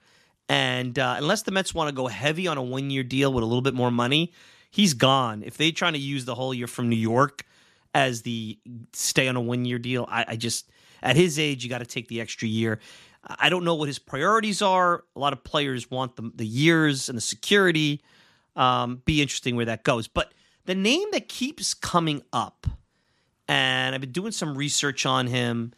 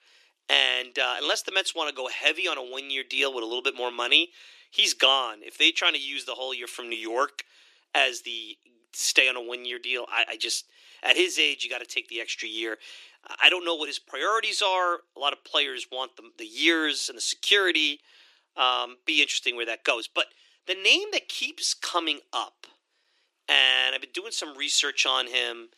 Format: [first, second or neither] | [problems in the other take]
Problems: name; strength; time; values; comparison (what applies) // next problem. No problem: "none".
first | thin; very; fading below 300 Hz